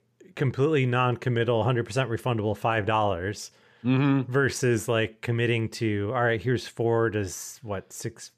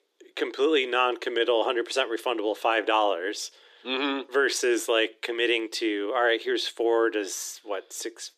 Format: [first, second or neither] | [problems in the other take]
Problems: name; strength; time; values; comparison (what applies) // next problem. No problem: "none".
first | thin; very; fading below 300 Hz